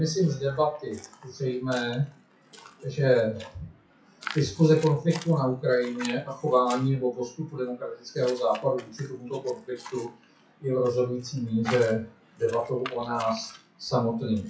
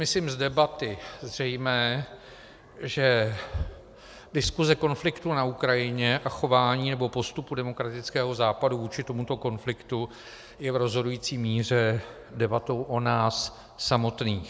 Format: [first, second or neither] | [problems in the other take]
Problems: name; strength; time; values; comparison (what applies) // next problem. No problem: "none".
second | noise reduction (classical method WPE with log-MMSE)